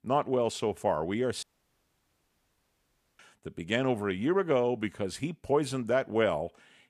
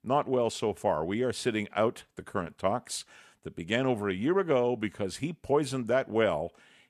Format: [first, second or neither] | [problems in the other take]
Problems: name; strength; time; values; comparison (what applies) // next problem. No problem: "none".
second | audio cutting out; at 1.5 s for 2 s